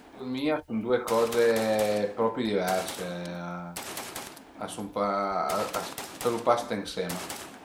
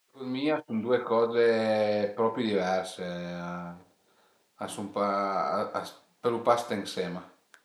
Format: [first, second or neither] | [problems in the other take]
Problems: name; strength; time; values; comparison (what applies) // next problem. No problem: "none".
second | background sound (Gunshot, gunfire); 12 dB below the speech